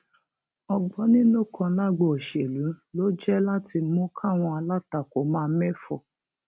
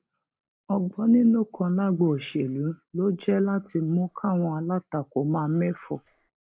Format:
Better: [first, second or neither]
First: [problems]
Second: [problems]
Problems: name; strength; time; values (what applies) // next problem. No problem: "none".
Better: first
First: none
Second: noise reduction (neural mask model Resemble Enhance denoiser)